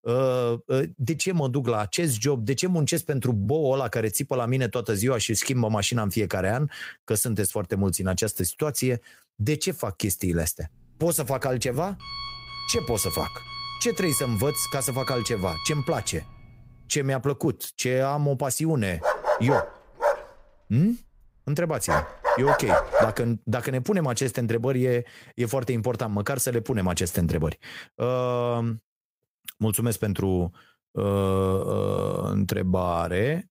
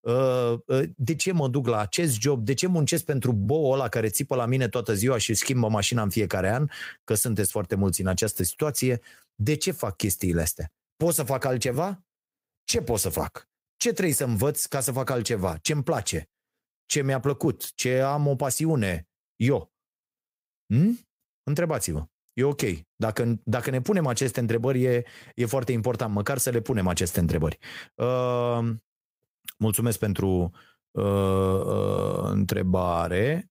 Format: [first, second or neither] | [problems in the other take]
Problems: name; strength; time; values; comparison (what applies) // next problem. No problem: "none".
second | alarm; noticeable; from 11 to 17 s; peak 8 dB below the speech // dog barking; loud; from 19 to 23 s; peak 4 dB above the speech